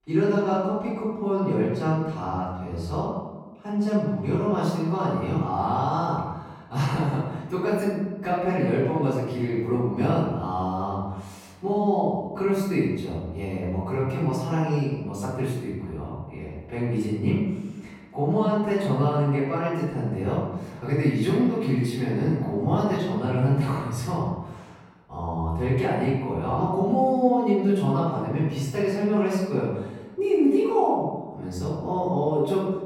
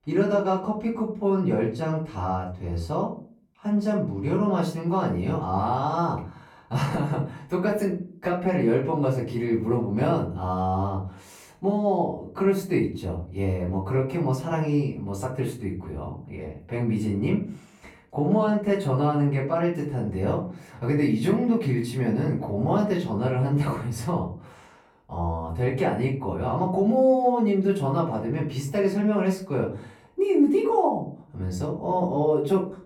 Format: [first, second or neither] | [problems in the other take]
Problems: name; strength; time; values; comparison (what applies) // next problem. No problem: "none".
second | room echo; strong; dies away in 1.1 s; slight in the second // off-mic speech; far; far in the second